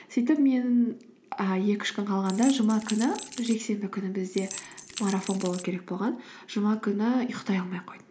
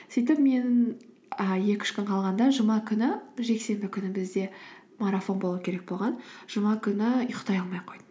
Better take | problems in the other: second | background sound (Rattle / Keys jangling); 13 dB below the speech

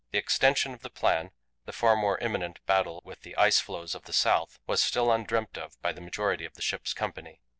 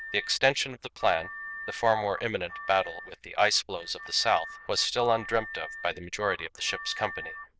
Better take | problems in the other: first | noise reduction (neural diffusion model UNIVERSE++)

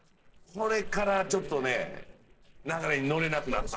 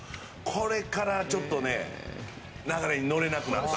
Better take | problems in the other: second | noise reduction (neural separator model SepFormer DNS4)

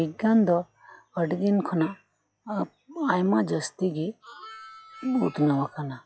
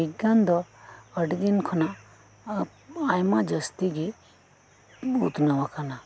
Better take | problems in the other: second | noise reduction (classical method log-MMSE)

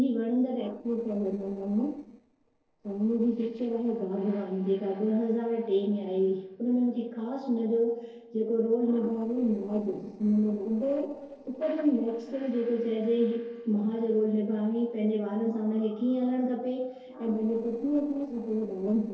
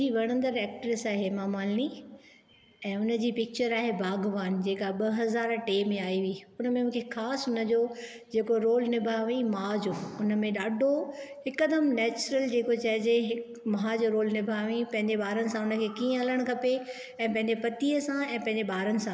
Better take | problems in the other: second | noise reduction (neural separator model SepFormer DNS4)

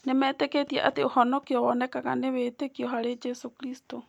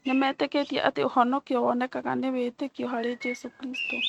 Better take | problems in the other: first | noise reduction (neural mask model RNNoise)

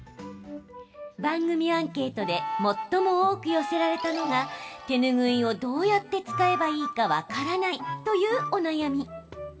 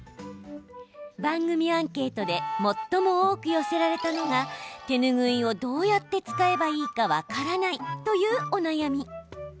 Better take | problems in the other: second | room echo; dies away in 1.6 s

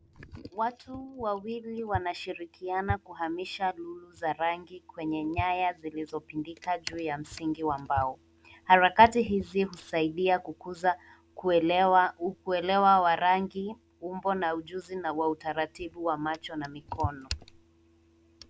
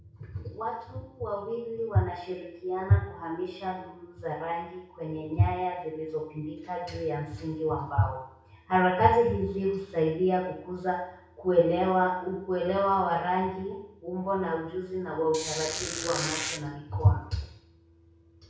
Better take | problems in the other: first | background sound (Squeak); 5 dB below the speech // room echo; dies away in 0.6 s

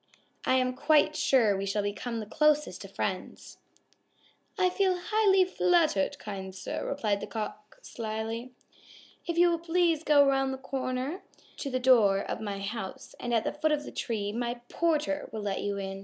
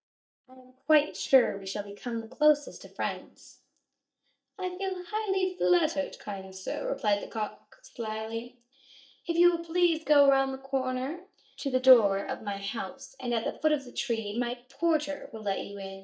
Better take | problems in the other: first | noise reduction (neural mask model DeepFilterNet 3)

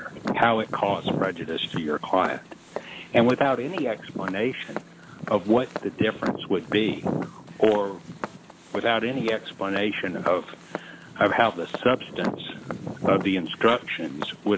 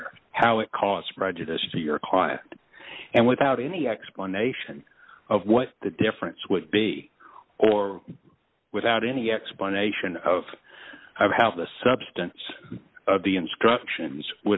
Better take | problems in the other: second | background sound (Walk, footsteps); 9 dB below the speech

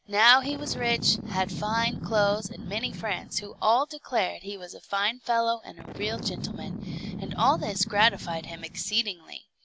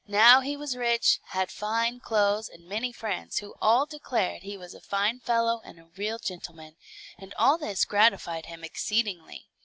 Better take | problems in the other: second | background sound (Boom); 10 dB below the speech

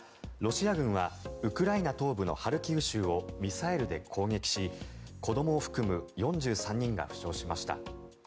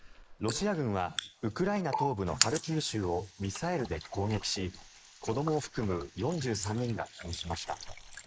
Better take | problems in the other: first | noise reduction (neural mask model Resemble Enhance denoiser)

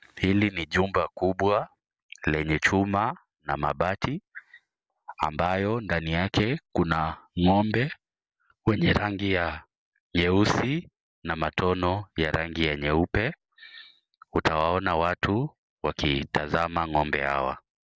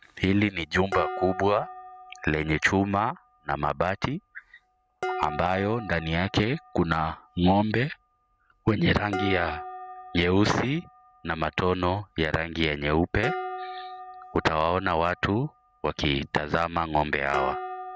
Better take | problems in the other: first | background sound (Dishes, pots, and pans); 12 dB below the speech

